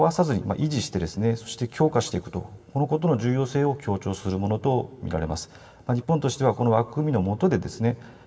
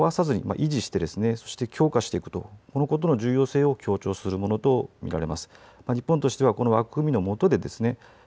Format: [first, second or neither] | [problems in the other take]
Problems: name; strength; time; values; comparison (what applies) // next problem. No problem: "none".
second | room echo; dies away in 0.8 s